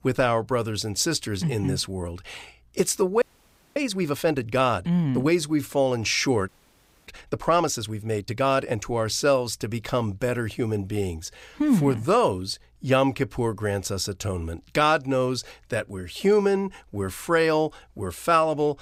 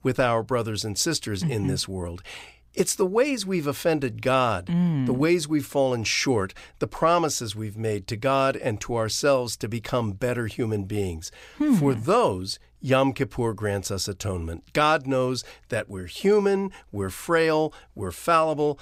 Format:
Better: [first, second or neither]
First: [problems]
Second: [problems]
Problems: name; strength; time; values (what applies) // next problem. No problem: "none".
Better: second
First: audio freezing; at 3 s for 0.5 s and at 6.5 s for 0.5 s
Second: none